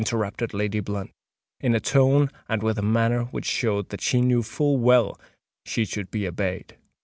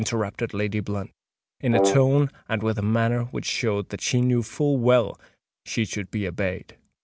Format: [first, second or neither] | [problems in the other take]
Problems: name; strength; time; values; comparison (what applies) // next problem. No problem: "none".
first | background sound (Brass instrument); 2 dB below the speech